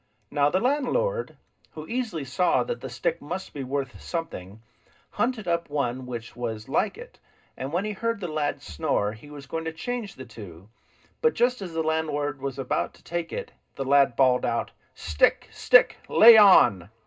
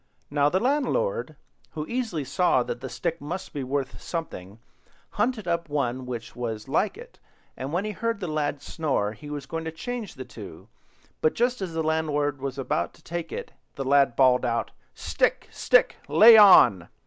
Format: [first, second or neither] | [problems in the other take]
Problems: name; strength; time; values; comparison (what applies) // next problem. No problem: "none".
second | room echo; dies away in 0.2 s